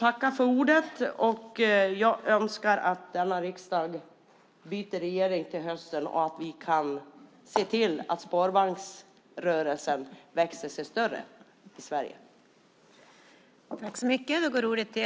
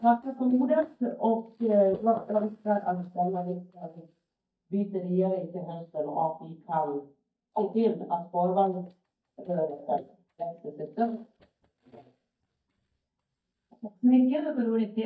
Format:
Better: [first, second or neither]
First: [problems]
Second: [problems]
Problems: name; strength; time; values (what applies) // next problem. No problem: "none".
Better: first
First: none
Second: noise reduction (neural mask model DeepFilterNet 3)